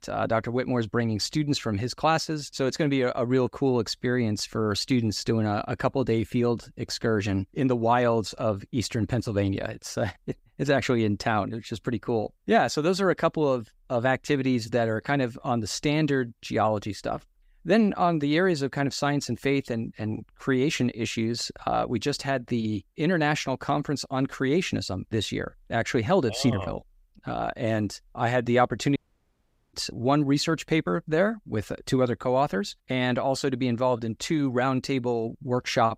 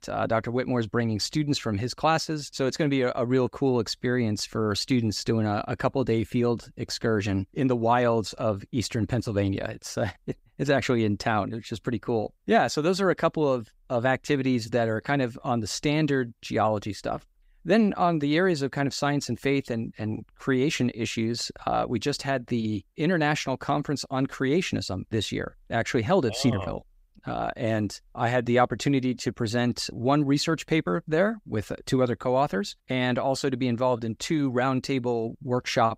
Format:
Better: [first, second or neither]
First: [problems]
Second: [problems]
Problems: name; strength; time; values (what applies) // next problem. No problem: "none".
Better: second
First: audio cutting out; at 29 s for 1 s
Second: none